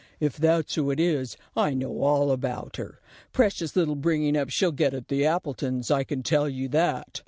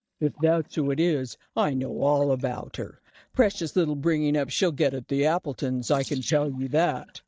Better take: first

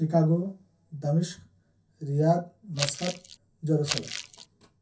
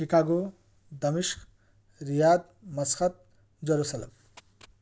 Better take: second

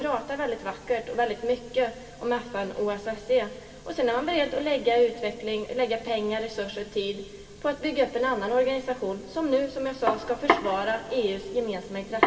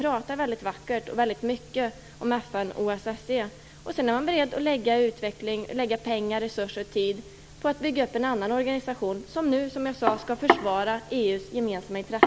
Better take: second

